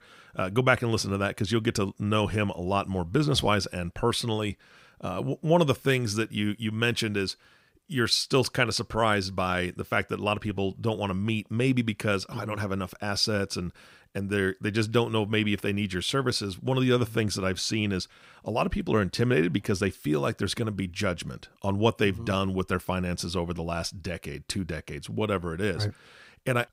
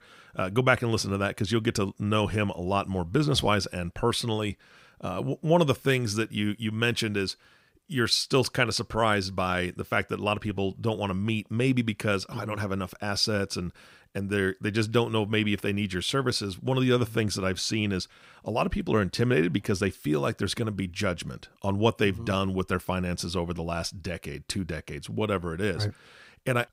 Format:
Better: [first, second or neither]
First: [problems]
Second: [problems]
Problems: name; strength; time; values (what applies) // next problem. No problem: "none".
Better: neither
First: none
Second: none